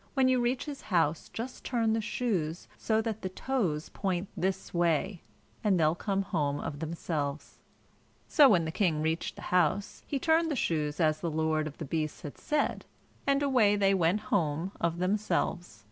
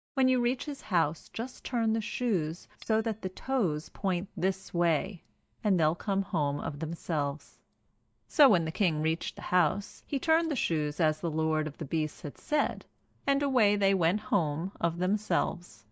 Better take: first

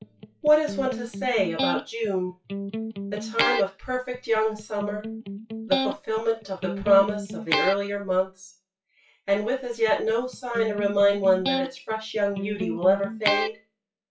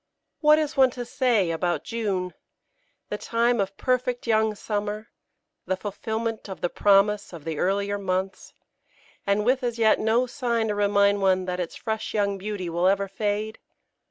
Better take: second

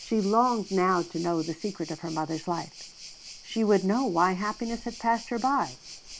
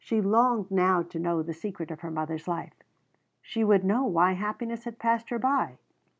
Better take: second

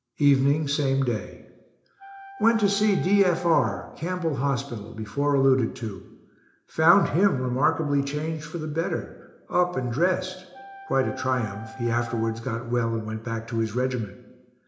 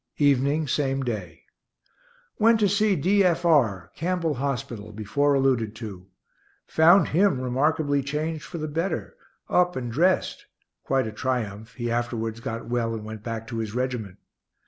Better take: second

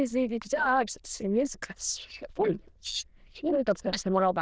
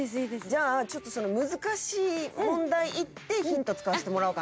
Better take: second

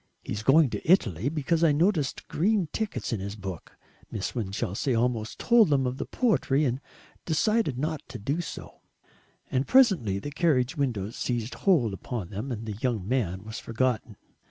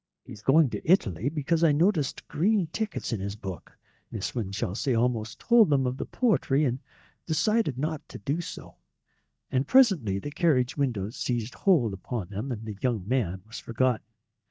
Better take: first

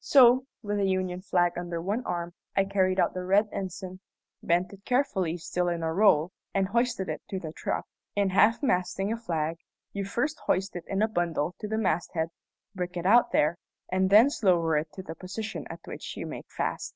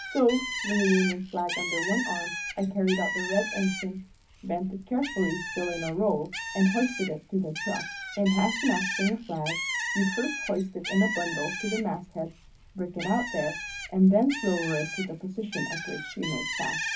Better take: first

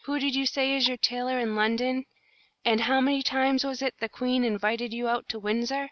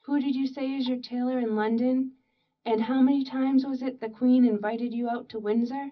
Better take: first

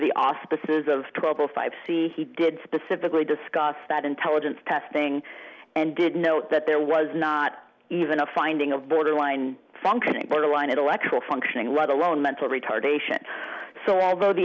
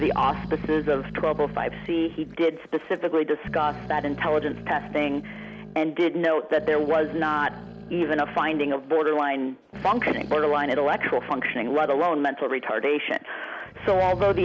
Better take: first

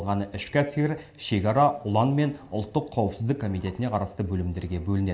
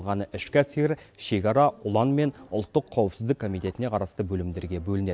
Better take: second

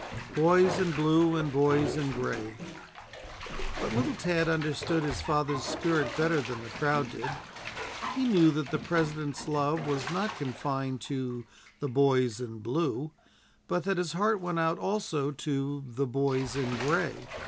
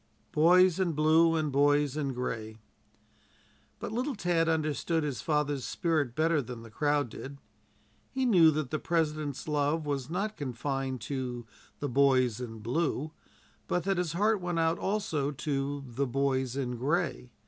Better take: second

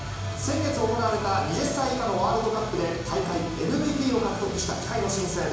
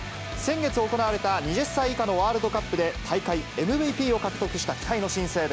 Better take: second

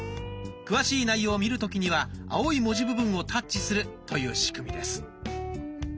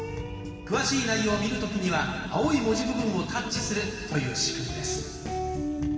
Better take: first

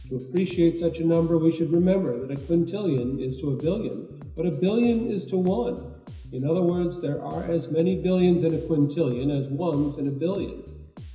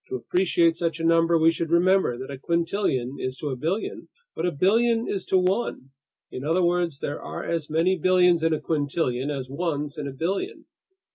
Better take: second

